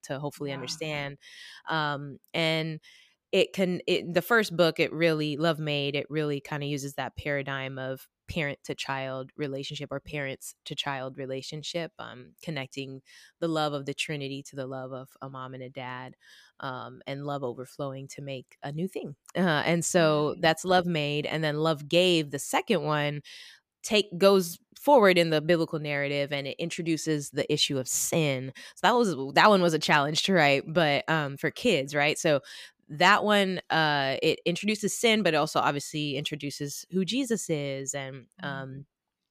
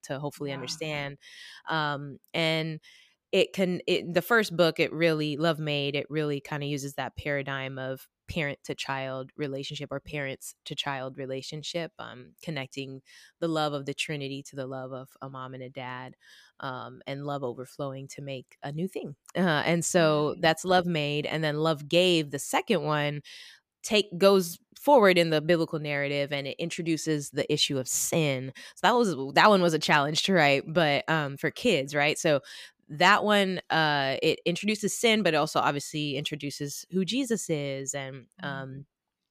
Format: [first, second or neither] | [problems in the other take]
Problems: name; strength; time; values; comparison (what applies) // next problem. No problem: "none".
neither | none